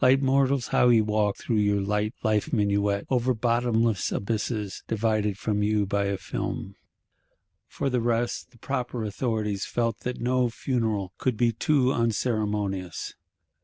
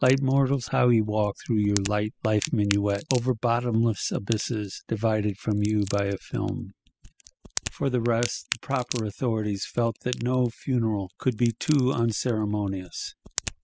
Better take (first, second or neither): first